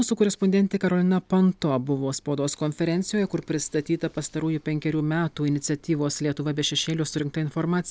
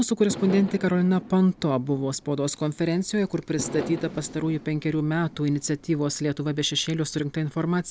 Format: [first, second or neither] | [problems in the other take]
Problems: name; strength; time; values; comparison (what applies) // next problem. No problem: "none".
first | background sound (Fireworks); 14 dB below the speech